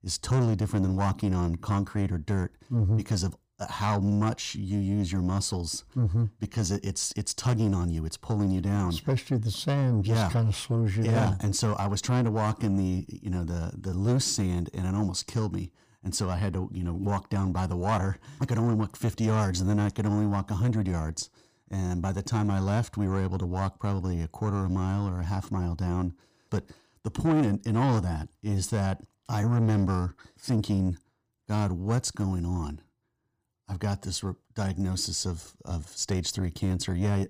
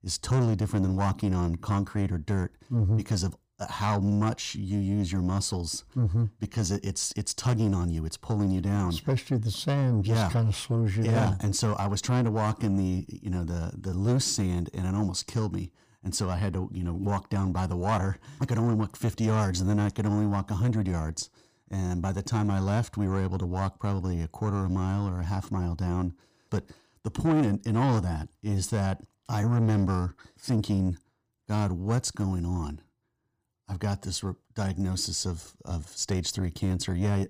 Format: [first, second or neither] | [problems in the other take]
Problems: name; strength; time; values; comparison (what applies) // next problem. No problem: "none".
neither | distortion; slight; 10 dB below the speech; the same in both